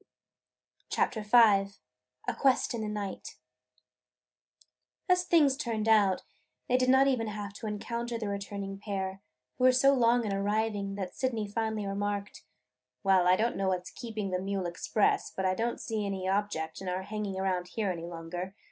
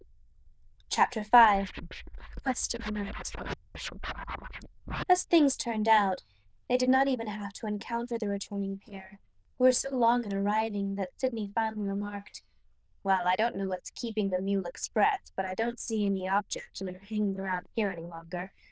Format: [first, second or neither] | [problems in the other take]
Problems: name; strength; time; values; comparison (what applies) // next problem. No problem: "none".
first | noise reduction (neural diffusion model UNIVERSE++)